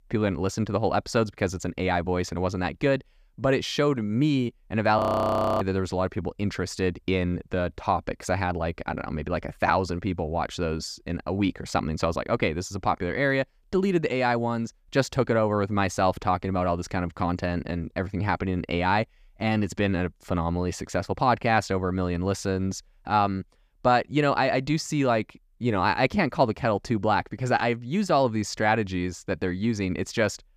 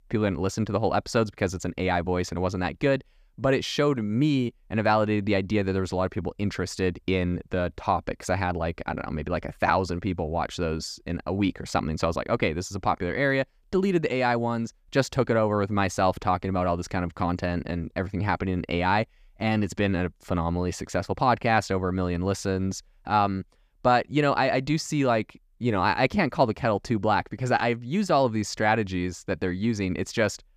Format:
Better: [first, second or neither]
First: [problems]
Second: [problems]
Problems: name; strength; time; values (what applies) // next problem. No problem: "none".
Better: second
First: audio freezing; at 5 s for 0.5 s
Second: none